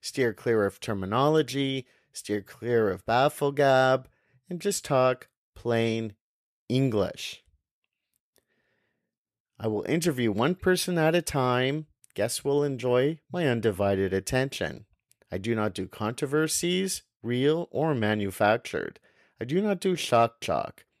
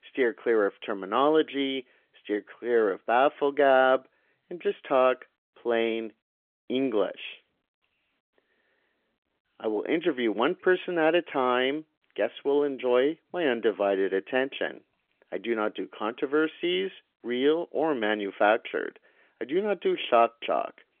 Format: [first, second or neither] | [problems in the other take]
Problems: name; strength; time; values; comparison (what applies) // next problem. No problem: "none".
first | phone-call audio; nothing above 3.5 kHz